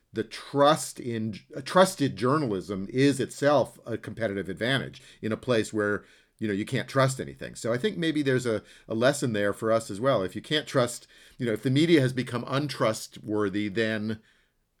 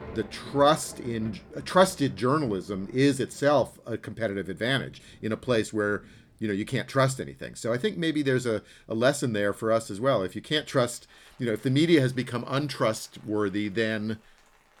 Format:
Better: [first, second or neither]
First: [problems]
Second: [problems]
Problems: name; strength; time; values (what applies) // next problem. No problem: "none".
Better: first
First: none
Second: rain or running water; faint; throughout; 25 dB below the speech